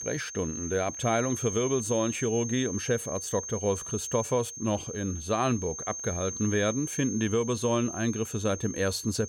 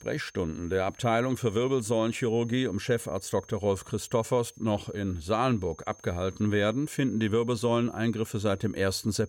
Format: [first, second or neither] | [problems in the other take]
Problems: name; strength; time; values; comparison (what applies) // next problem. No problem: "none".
second | high-pitched whine; loud; throughout; 6.5 kHz, 7 dB below the speech; faint in the second